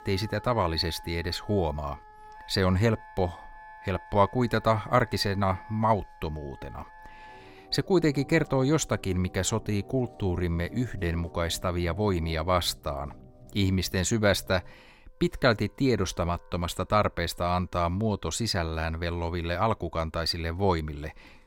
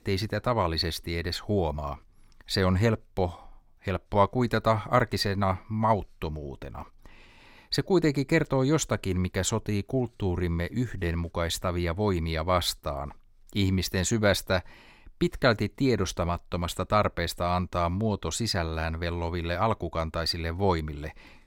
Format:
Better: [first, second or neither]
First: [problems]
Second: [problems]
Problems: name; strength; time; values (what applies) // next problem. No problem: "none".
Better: second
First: background music; faint; throughout; 20 dB below the speech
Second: none